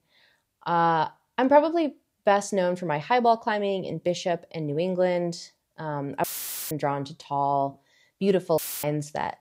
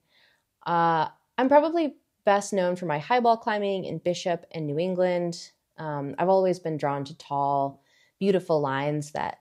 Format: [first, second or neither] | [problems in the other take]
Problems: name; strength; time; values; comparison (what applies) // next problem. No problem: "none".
second | audio cutting out; filled with static; at 6 s and at 8.5 s